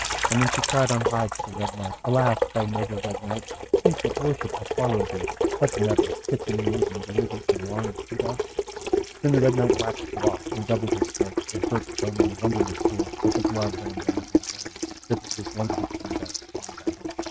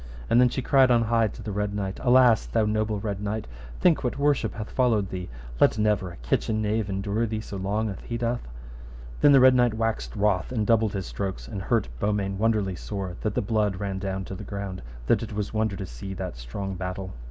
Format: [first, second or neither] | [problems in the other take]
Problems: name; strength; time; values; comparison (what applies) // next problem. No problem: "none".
second | noise reduction (neural mask model RNNoise)